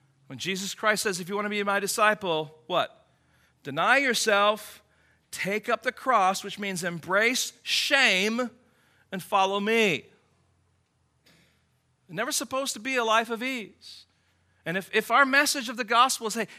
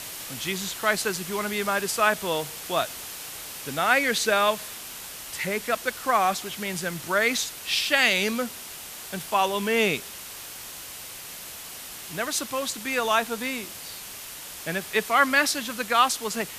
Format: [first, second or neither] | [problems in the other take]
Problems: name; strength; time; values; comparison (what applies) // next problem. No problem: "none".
first | hiss; noticeable; throughout; 10 dB below the speech